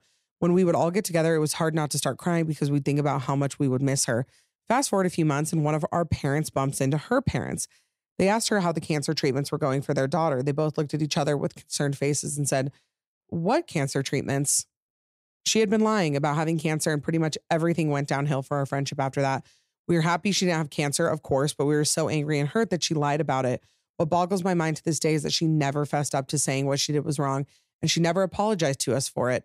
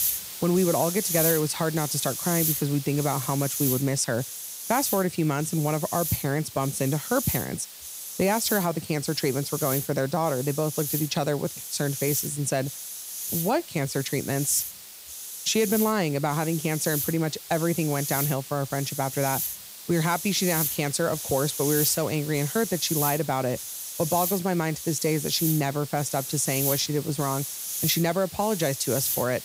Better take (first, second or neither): first